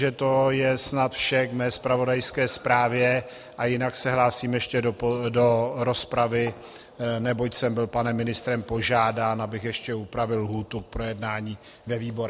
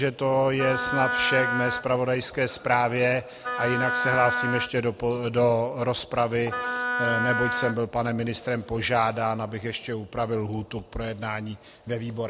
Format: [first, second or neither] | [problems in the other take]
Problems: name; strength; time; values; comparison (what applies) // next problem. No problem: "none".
first | background sound (Wind instrument, woodwind instrument); 3 dB below the speech